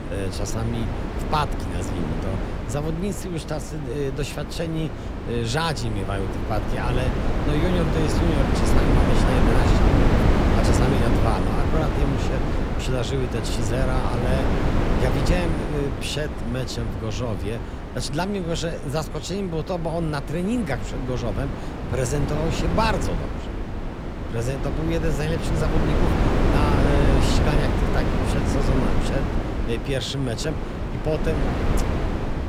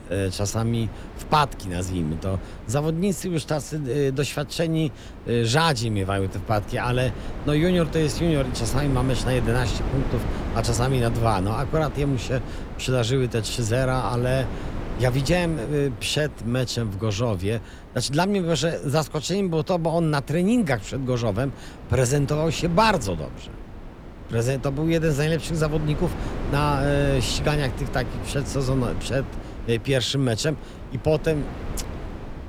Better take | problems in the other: second | wind noise on the microphone; heavy; as loud as the speech; occasional gusts in the second

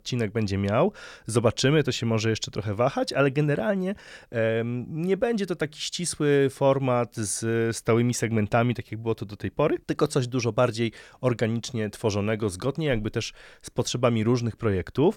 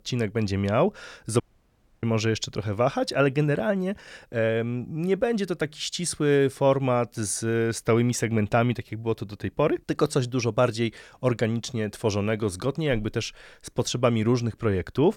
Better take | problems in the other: first | audio cutting out; at 1.5 s for 0.5 s

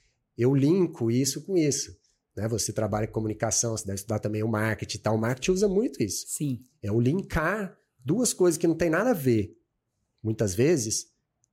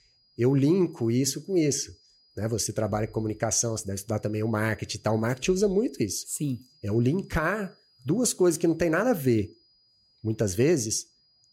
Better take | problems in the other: first | high-pitched whine; faint; throughout; 5 kHz, 35 dB below the speech

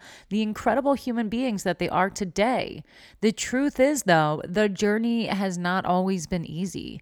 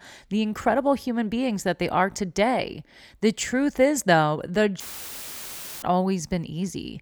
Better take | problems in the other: first | audio cutting out; filled with static; at 5 s for 1 s

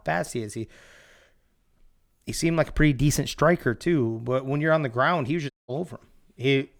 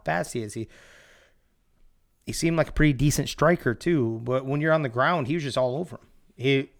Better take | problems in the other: second | audio cutting out; at 5.5 s

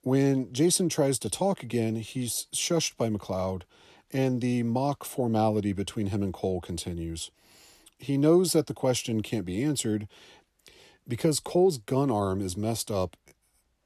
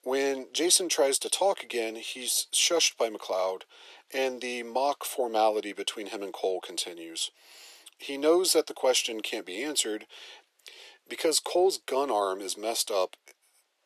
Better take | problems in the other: first | thin; very; fading below 400 Hz

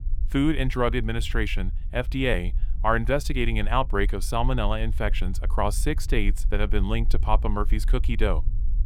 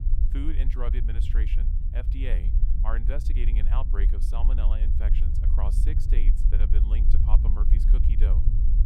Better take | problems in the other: first | low rumble; loud; throughout; 4 dB below the speech; faint in the first

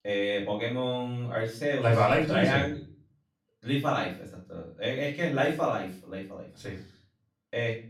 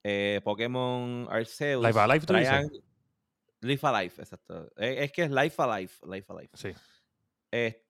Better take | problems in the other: second | off-mic speech; far // room echo; slight; dies away in 0.4 s

